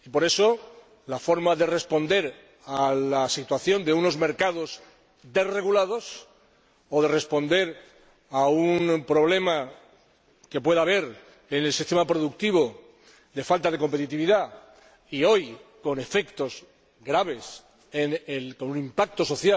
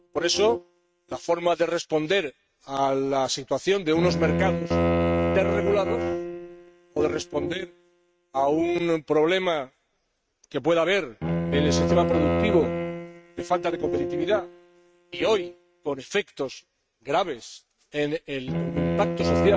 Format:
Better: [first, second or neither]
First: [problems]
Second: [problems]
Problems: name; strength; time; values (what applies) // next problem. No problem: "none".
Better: first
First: none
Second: noise reduction (neural mask model RNNoise)